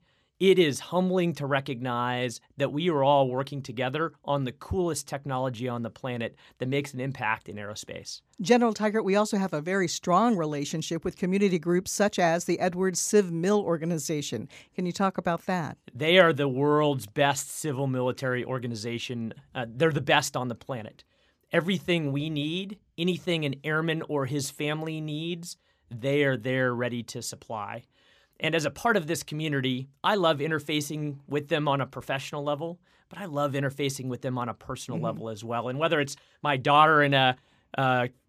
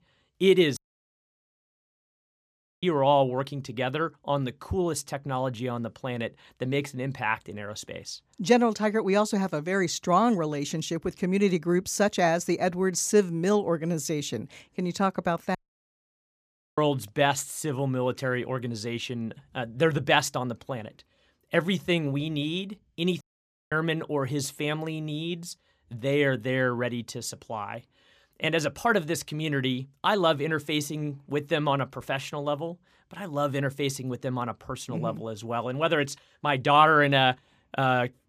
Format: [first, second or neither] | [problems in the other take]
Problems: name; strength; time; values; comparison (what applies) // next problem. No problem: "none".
first | audio cutting out; at 1 s for 2 s, at 16 s for 1 s and at 23 s for 0.5 s